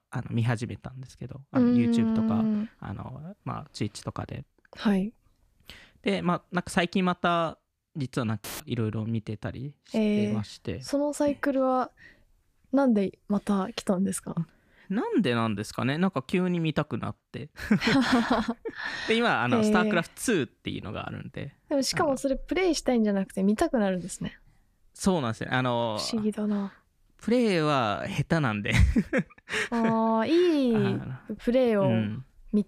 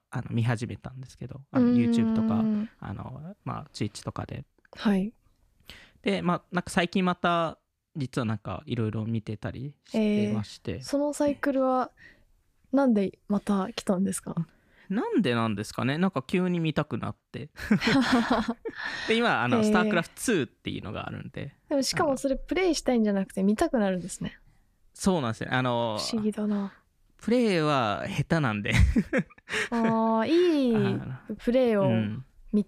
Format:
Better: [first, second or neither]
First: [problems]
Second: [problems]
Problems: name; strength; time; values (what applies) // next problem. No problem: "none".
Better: second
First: audio cutting out; filled with static; at 8.5 s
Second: none